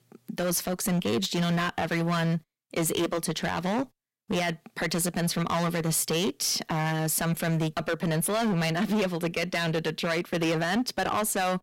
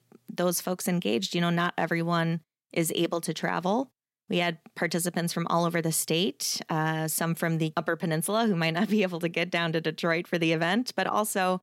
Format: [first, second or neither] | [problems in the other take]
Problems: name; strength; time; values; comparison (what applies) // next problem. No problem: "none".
second | distortion; heavy; 16% of the sound clipped